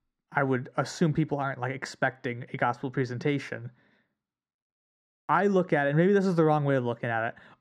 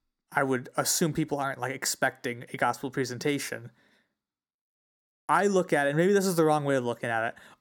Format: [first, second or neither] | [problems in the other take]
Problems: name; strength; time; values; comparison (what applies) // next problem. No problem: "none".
second | muffled; slightly; fading above 3 kHz